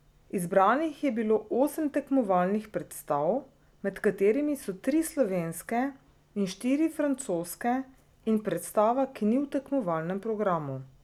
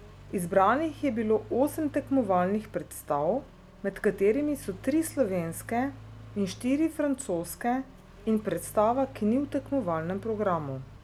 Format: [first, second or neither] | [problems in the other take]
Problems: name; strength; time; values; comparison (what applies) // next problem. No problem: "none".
first | background sound (Accelerating, revving, vroom); 18 dB below the speech